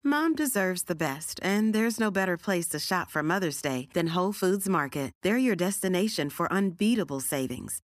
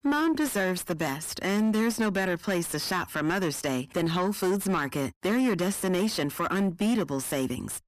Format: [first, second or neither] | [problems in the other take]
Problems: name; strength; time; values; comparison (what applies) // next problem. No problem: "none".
first | distortion; slight; 10 dB below the speech